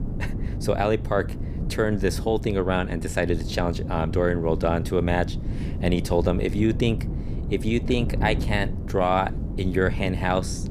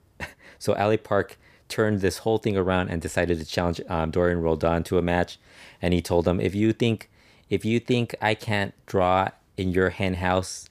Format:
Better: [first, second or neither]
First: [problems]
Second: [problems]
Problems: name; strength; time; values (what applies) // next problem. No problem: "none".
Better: second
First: wind noise on the microphone; occasional gusts; 15 dB below the speech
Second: none